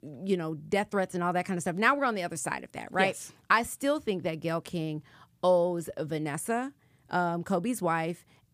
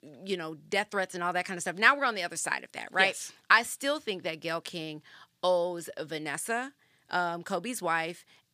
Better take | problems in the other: first | thin; somewhat; fading below 450 Hz

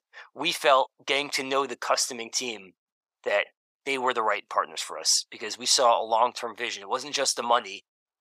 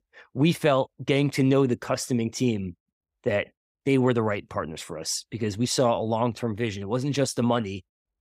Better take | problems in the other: second | thin; very; fading below 750 Hz

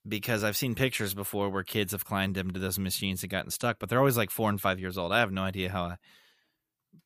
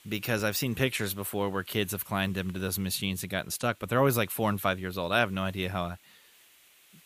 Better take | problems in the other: first | hiss; faint; throughout; 25 dB below the speech

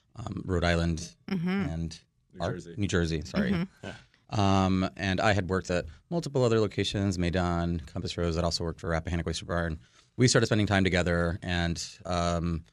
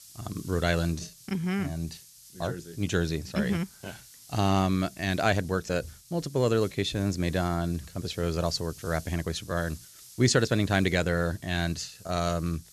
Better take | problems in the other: first | hiss; faint; throughout; 20 dB below the speech

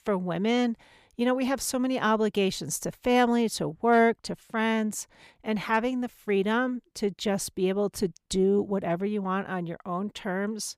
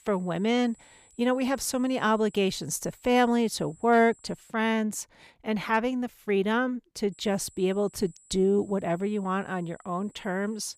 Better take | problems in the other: first | high-pitched whine; faint; until 4.5 s and from 7 s on; 7.5 kHz, 30 dB below the speech

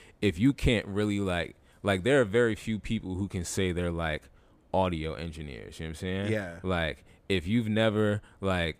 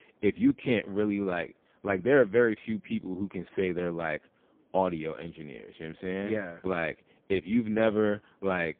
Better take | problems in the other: first | phone-call audio; poor line

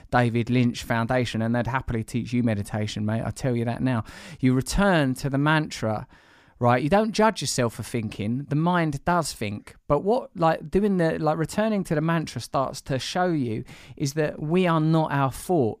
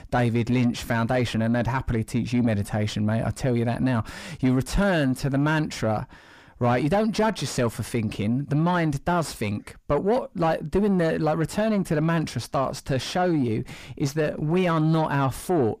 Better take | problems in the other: first | distortion; slight; 9 dB below the speech

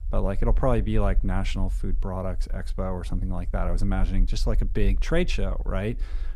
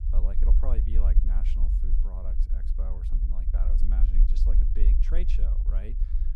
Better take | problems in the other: first | low rumble; loud; throughout; 2 dB below the speech; faint in the first

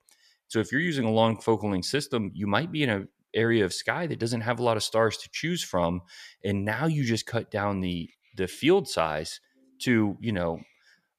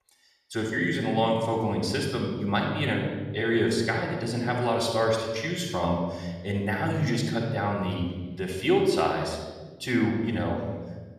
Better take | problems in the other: first | off-mic speech; somewhat distant // room echo; noticeable; dies away in 1.4 s

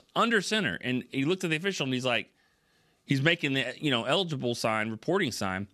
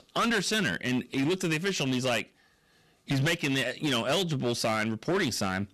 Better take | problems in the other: first | distortion; heavy; 14% of the sound clipped

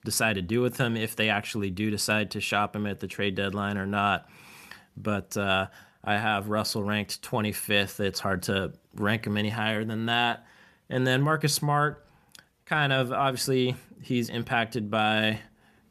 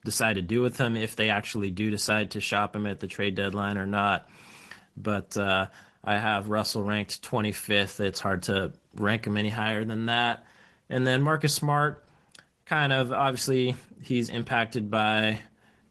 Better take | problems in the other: first | garbled, watery; slightly; nothing above 12 kHz

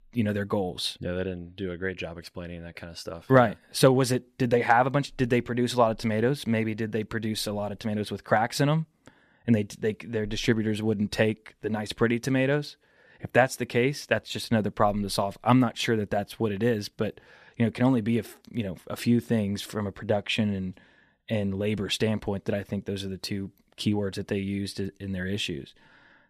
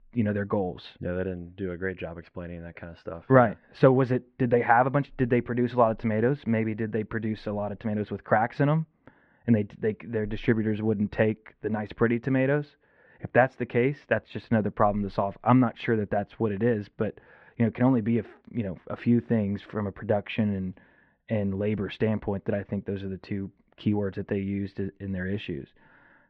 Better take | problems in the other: first | muffled; very; fading above 2 kHz

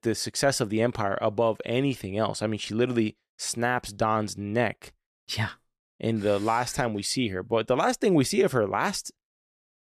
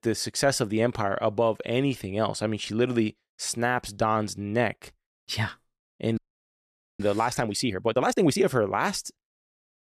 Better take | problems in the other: first | audio freezing; at 6 s for 1 s

